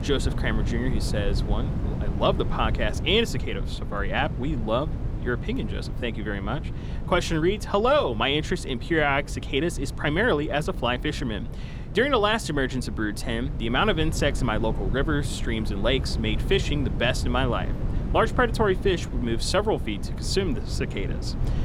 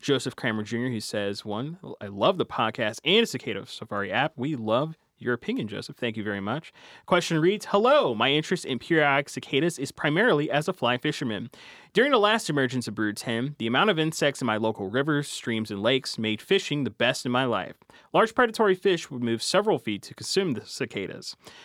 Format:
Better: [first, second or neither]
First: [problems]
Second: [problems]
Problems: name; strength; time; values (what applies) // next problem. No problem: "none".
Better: second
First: wind noise on the microphone; occasional gusts; 15 dB below the speech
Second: none